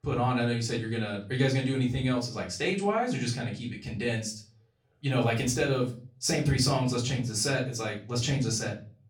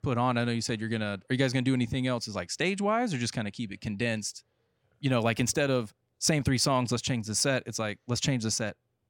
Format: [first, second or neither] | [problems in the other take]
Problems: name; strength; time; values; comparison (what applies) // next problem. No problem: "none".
second | off-mic speech; far // room echo; slight; dies away in 0.3 s